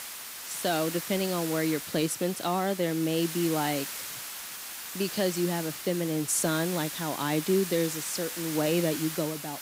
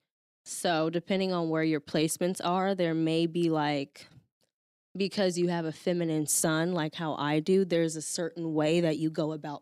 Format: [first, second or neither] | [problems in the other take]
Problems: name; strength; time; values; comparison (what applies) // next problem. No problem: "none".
second | hiss; loud; throughout; 6 dB below the speech